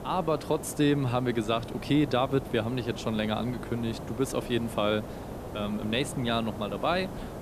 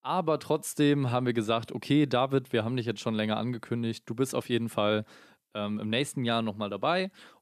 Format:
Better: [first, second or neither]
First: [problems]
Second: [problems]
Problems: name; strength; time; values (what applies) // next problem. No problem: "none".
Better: second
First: hiss; noticeable; throughout; 10 dB below the speech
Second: none